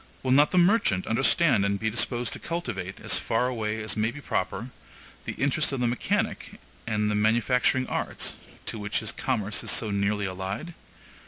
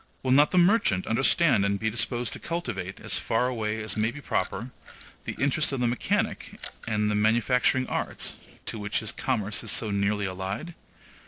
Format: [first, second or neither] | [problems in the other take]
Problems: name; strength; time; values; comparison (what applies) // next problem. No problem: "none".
first | noise reduction (neural separator model SepFormer DNS4)